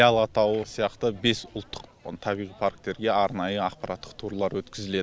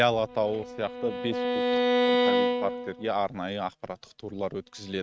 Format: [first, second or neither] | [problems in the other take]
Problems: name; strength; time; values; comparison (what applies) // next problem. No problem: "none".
first | noise reduction (neural mask model RNNoise)